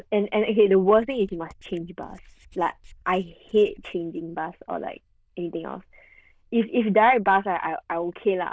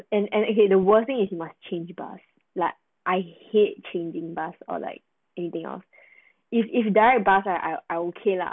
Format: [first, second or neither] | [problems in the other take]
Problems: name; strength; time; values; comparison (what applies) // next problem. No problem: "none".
second | noise reduction (neural diffusion model UNIVERSE++)